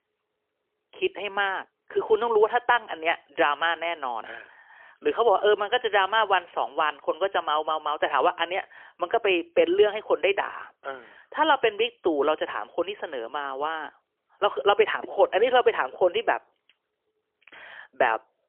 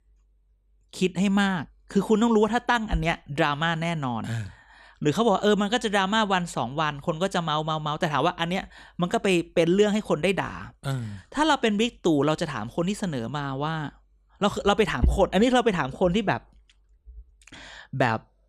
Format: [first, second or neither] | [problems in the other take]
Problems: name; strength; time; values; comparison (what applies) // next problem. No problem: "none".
second | phone-call audio; poor line; nothing above 3.5 kHz